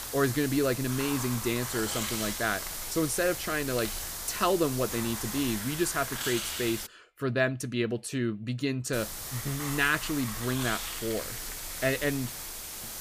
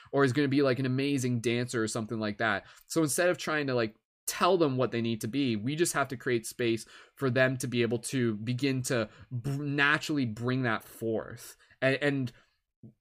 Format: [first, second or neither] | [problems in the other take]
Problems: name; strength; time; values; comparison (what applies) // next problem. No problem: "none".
second | hiss; loud; until 7 s and from 9 s on; 4 dB below the speech